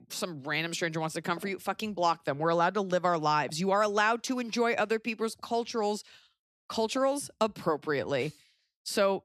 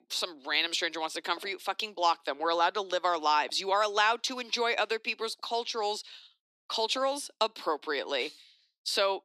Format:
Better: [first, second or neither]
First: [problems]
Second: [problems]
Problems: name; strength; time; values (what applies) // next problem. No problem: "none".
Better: first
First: none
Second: thin; somewhat; fading below 300 Hz